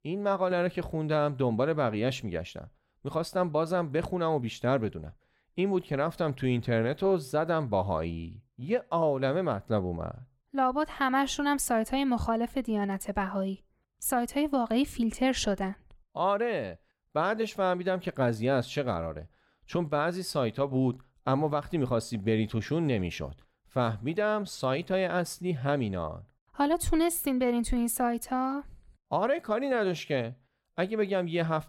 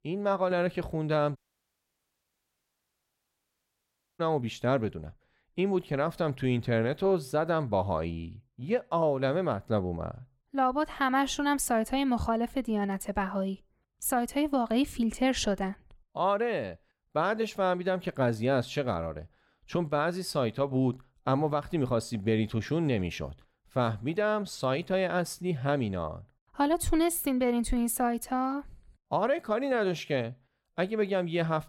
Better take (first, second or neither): first